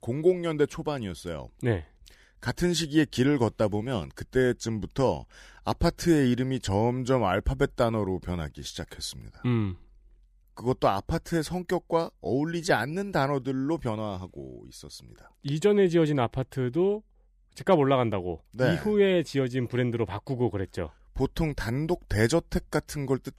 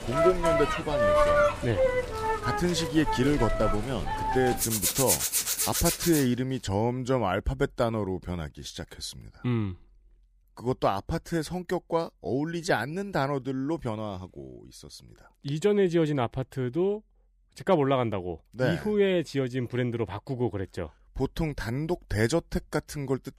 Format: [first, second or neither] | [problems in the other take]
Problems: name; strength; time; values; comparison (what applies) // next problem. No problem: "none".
first | household noises; very loud; until 6.5 s; 2 dB above the speech